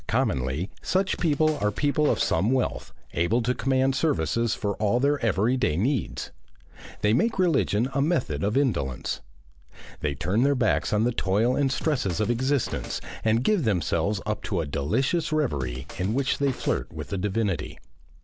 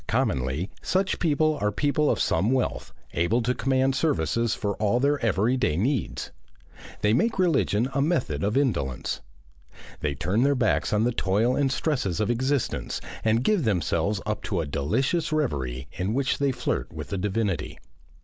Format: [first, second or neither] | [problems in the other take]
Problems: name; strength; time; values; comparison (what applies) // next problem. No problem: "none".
second | background sound (Scratching (performance technique)); 16 dB below the speech